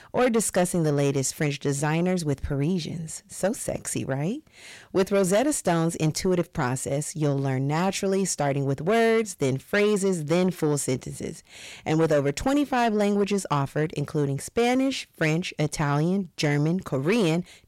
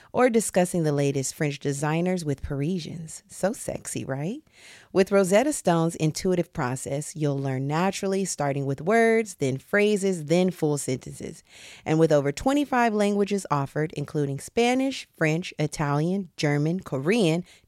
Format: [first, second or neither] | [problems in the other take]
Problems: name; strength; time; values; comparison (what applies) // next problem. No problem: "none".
second | distortion; slight; 10 dB below the speech